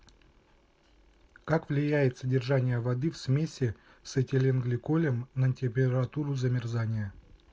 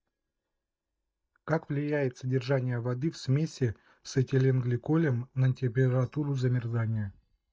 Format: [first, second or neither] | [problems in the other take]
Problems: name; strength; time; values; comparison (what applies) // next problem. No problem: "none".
first | noise reduction (neural mask model DeepFilterNet 3)